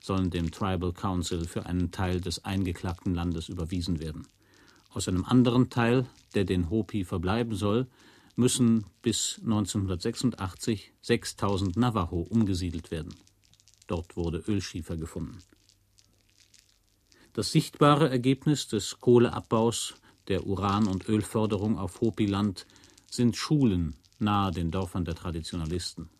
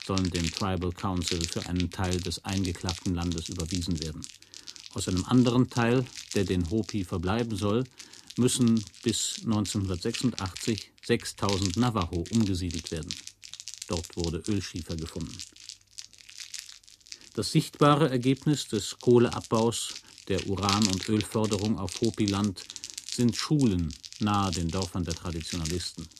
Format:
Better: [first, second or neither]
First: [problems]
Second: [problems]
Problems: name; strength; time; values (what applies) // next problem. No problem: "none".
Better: first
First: household noises; faint; throughout; 30 dB below the speech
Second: household noises; loud; throughout; 10 dB below the speech